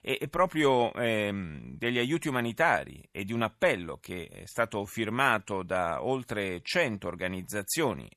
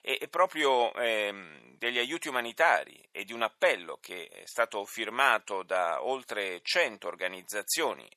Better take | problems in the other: first | thin; very; fading below 550 Hz

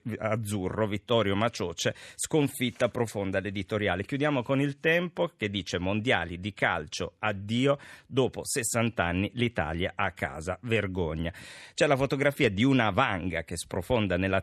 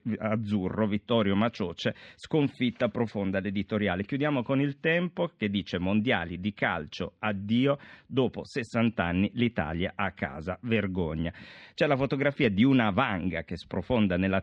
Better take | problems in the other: first | muffled; slightly; fading above 4.5 kHz

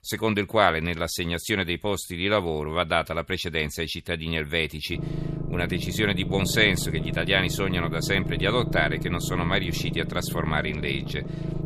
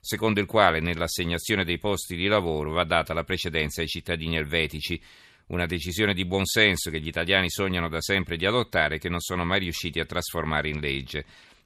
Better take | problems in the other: second | low rumble; noticeable; from 5 s on; 15 dB below the speech

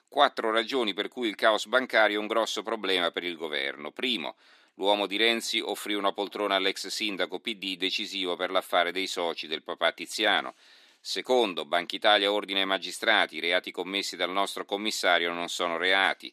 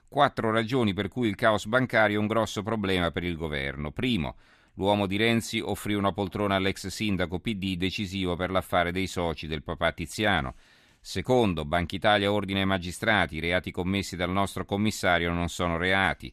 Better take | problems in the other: second | thin; somewhat; fading below 300 Hz

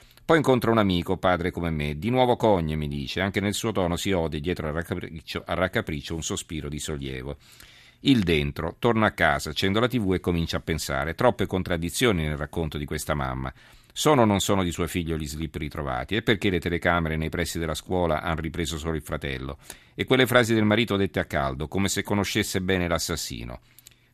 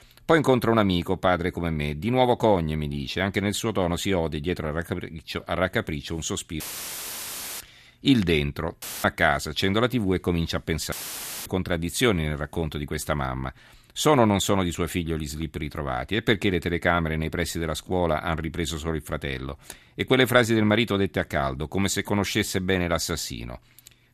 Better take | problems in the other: first | audio cutting out; filled with static; at 6.5 s for 1 s, at 9 s and at 11 s for 0.5 s

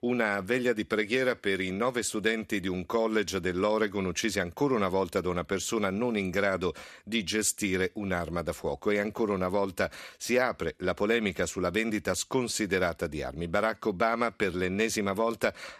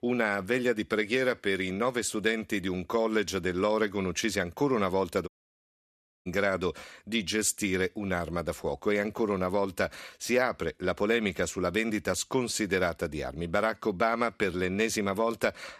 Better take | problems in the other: first | audio cutting out; at 5.5 s for 1 s

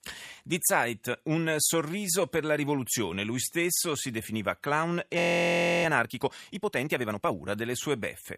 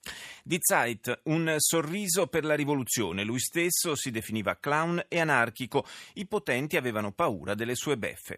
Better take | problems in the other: second | audio freezing; at 5 s for 0.5 s

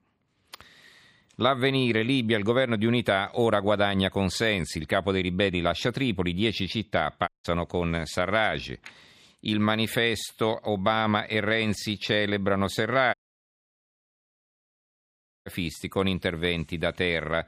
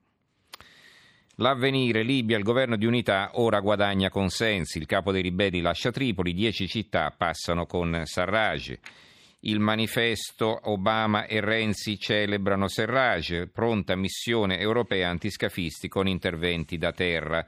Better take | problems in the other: second | audio cutting out; at 7.5 s and at 13 s for 2.5 s

